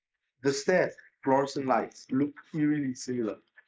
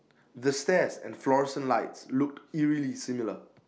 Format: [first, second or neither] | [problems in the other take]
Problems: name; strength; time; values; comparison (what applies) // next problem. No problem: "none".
second | noise reduction (neural mask model Resemble Enhance denoiser)